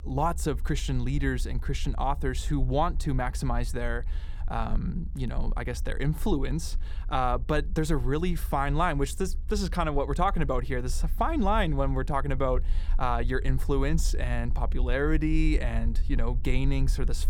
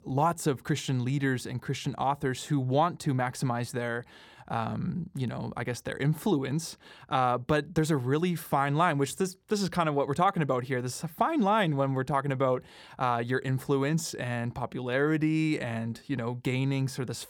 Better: second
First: low rumble; faint; throughout; 25 dB below the speech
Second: none

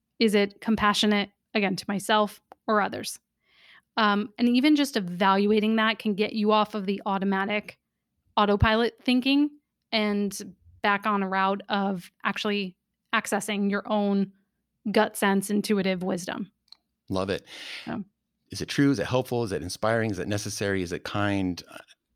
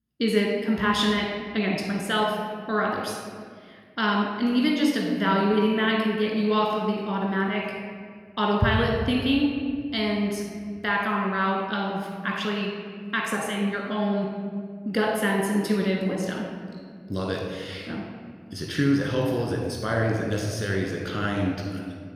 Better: first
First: none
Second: off-mic speech; somewhat distant // room echo; noticeable; dies away in 1.8 s

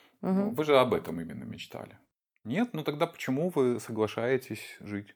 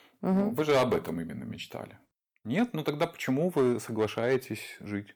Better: first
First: none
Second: distortion; slight; 3% of the sound clipped

